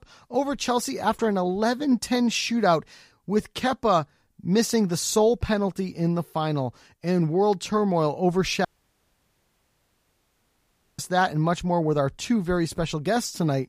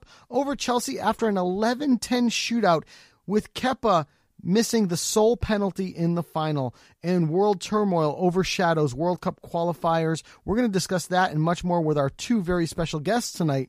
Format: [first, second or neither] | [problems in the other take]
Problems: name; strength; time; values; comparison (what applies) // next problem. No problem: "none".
second | audio cutting out; at 8.5 s for 2.5 s